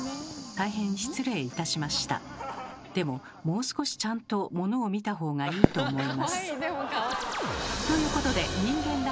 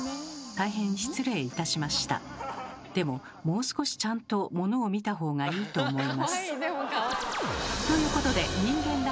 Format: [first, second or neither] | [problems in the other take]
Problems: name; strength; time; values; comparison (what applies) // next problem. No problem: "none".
second | background sound (Fireworks); 8 dB below the speech